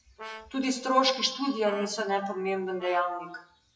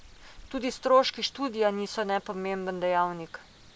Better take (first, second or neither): second